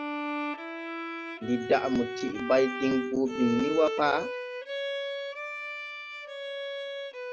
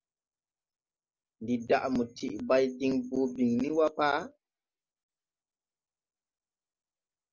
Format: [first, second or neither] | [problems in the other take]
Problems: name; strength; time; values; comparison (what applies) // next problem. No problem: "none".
second | background sound (Bowed string instrument); 4 dB below the speech